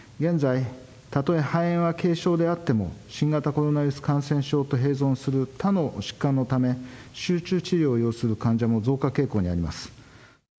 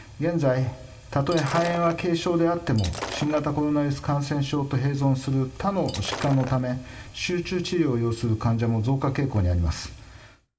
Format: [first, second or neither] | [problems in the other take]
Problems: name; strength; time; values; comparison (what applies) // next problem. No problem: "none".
first | background sound (Shatter); 13 dB below the speech // room echo; dies away in 0.2 s